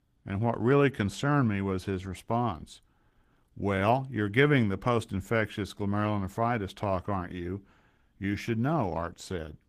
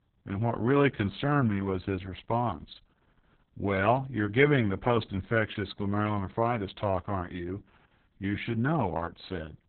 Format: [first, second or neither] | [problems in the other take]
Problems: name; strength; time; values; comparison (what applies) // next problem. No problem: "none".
first | garbled, watery; badly; nothing above 4 kHz; slightly in the first